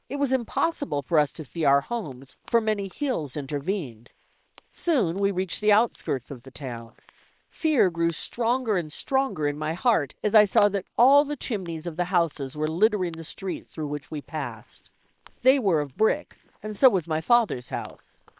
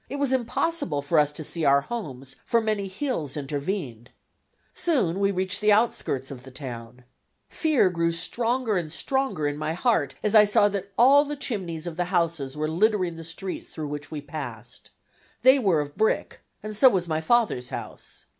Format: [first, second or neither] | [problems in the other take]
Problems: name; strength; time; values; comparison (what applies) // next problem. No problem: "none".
second | noise reduction (neural separator model SepFormer WHAM!)